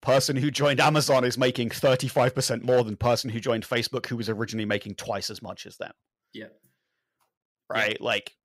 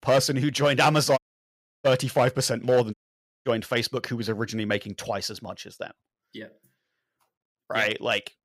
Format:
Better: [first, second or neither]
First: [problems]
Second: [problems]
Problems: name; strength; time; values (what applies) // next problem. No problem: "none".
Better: first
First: none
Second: audio cutting out; at 1 s for 0.5 s and at 3 s for 0.5 s